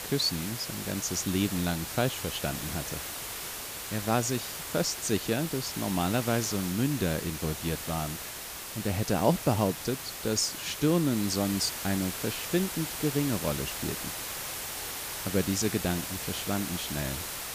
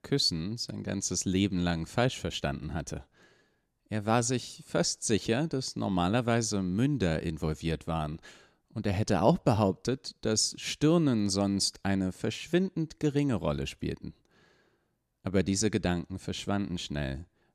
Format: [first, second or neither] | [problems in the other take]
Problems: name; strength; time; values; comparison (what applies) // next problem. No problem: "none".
second | hiss; loud; throughout; 5 dB below the speech